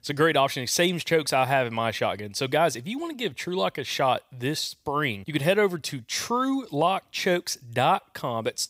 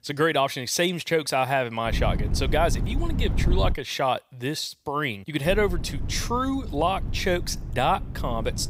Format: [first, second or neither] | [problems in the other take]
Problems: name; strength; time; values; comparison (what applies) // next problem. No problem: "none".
first | wind noise on the microphone; occasional gusts; from 2 to 3.5 s and from 5.5 s on; 15 dB below the speech